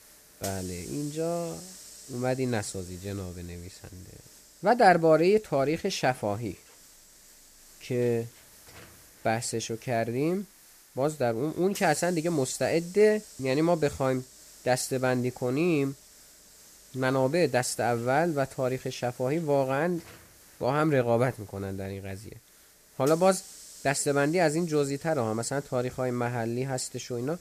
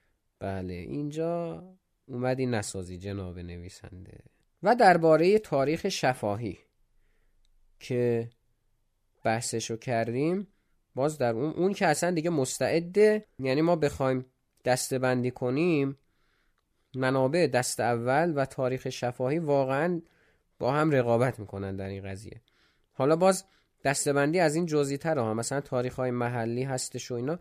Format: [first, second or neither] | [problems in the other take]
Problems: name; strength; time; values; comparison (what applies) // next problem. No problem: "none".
second | hiss; noticeable; throughout; 20 dB below the speech